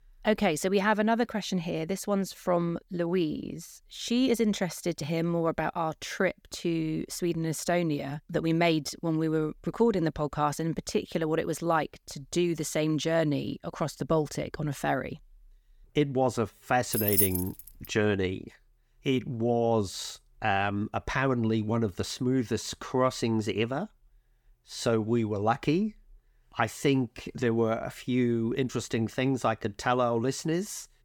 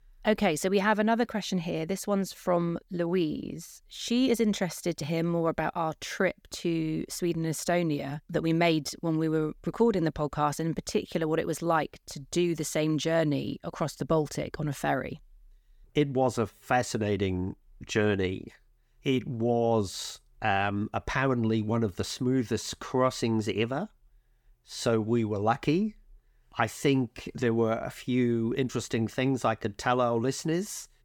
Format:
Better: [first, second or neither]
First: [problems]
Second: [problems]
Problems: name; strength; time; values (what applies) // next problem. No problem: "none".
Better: second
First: jangling keys; loud; at 17 s; peak 5 dB above the speech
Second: none